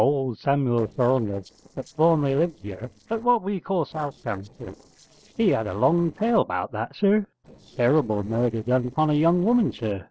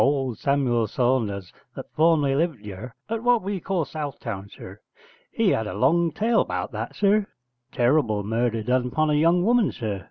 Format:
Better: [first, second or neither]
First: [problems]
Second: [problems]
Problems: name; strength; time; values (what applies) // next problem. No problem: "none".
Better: second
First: noise reduction (neural separator model SepFormer DNS4)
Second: none